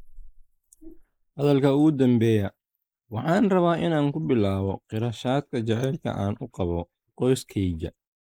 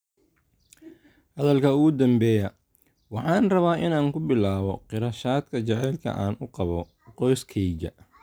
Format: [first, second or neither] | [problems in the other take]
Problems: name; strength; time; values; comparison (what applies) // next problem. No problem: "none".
second | noise reduction (neural mask model Resemble Enhance denoiser)